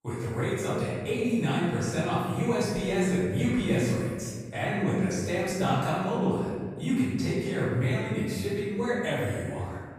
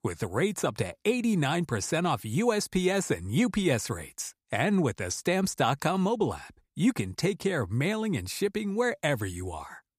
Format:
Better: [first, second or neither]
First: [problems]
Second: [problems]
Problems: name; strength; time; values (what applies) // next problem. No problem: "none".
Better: second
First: room echo; strong; dies away in 1.8 s // off-mic speech; far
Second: none